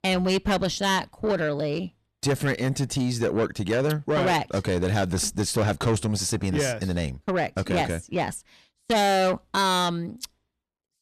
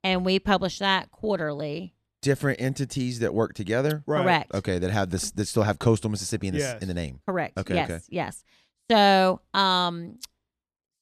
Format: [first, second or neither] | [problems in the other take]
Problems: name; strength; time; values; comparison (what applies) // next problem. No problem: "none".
second | distortion; heavy; 7 dB below the speech